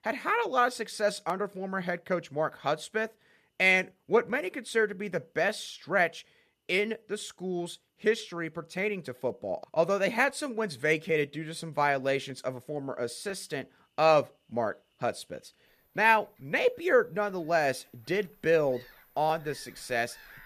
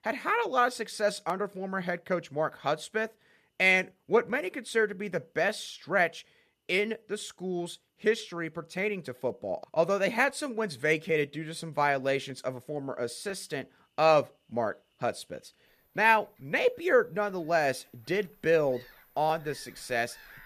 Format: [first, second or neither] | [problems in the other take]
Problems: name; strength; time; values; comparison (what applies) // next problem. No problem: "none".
neither | animal sounds; faint; throughout; 30 dB below the speech; the same in both